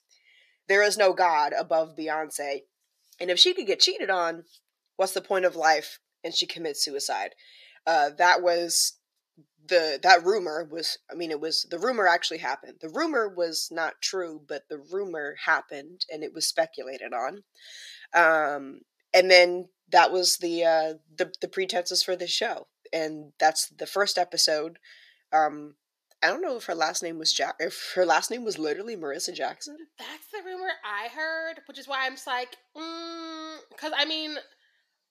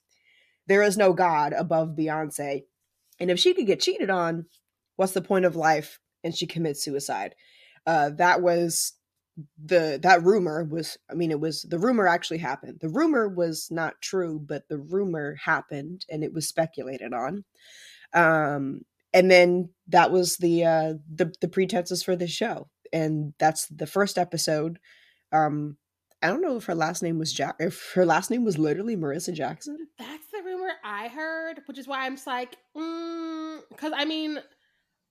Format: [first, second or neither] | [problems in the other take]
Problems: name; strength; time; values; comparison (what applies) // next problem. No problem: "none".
second | thin; somewhat; fading below 500 Hz